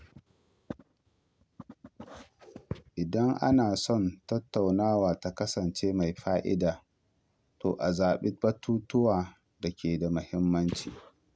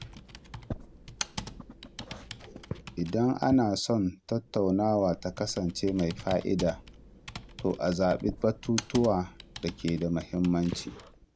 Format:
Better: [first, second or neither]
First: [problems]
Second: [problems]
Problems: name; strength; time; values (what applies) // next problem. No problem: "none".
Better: first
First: none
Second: background sound (Computer keyboard); 14 dB below the speech